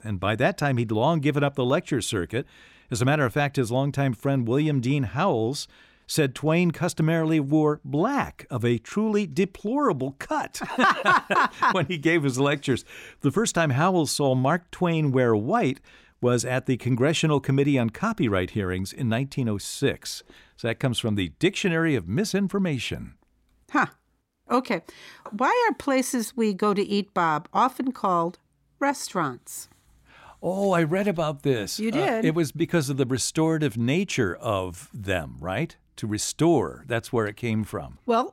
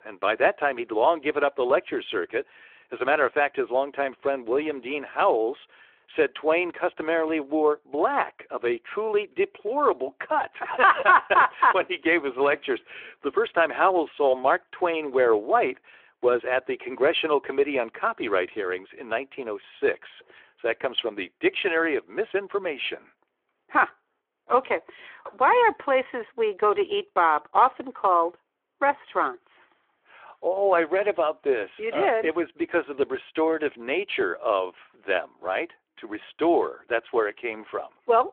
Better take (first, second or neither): first